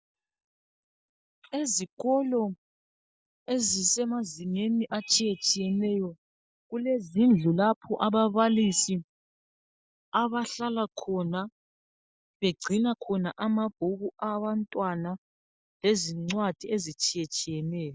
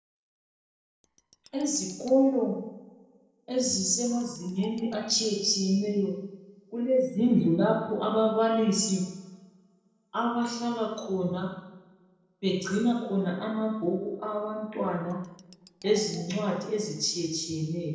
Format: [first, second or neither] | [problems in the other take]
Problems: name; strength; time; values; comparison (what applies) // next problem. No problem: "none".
first | noise reduction (neural separator model SepFormer DNS4)